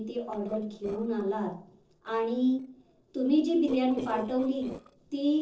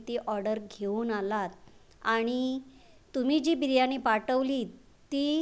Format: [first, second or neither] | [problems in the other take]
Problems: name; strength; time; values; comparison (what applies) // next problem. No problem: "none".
second | noise reduction (neural separator model SepFormer DNS4)